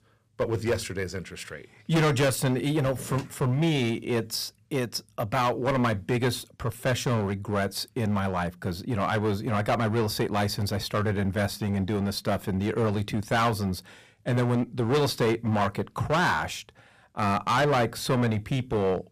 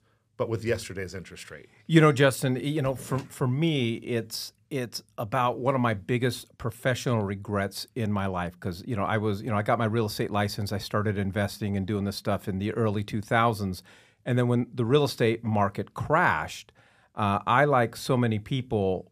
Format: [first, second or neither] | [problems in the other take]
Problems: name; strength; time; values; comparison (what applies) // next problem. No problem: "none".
second | distortion; heavy; 10% of the sound clipped